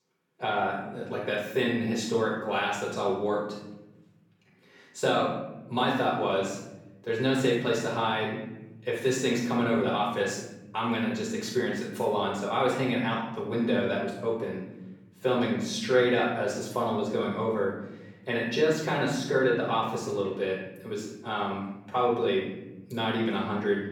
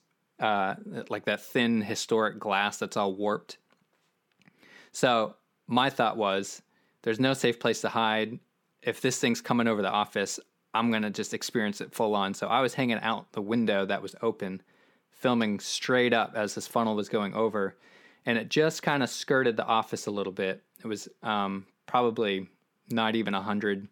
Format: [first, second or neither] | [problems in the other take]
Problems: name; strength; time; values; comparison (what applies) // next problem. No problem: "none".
second | off-mic speech; far // room echo; noticeable; dies away in 1.4 s